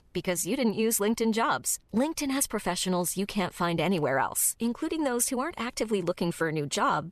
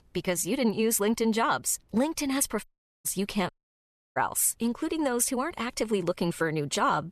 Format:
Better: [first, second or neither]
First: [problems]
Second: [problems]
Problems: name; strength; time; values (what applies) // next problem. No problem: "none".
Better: first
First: none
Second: audio cutting out; at 2.5 s and at 3.5 s for 0.5 s